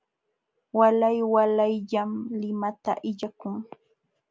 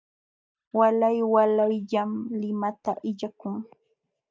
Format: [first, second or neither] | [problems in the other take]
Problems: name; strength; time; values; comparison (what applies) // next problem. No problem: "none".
first | noise reduction (neural mask model DeepFilterNet 3)